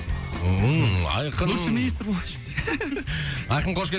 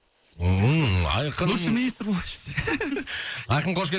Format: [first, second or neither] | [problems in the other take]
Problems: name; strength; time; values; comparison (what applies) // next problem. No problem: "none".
first | noise reduction (neural mask model Resemble Enhance denoiser)